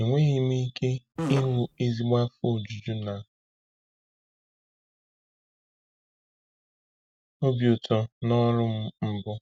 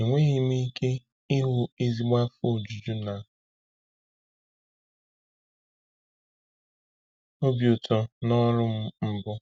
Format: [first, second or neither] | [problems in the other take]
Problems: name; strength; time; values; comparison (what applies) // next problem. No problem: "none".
second | background sound (Fart); 4 dB below the speech